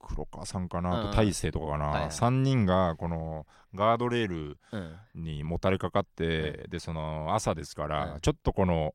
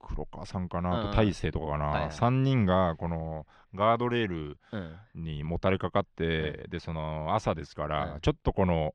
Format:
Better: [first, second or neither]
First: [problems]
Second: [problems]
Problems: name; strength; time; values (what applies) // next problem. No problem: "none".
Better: first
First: none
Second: muffled; slightly; fading above 3 kHz